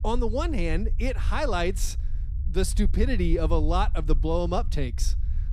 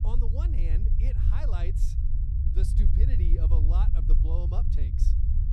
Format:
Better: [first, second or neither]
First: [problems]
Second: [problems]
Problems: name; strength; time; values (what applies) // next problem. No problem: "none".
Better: first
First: low rumble; faint; throughout; 20 dB below the speech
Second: low rumble; loud; throughout; as loud as the speech